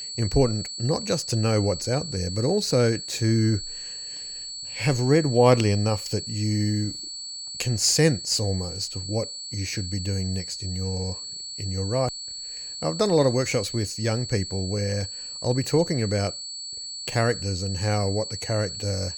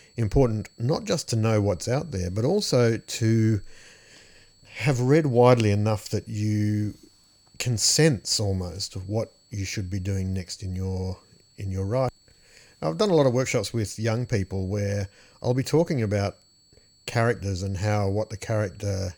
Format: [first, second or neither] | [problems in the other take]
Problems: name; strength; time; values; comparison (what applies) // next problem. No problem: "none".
second | high-pitched whine; loud; throughout; 4.5 kHz, 8 dB below the speech; faint in the second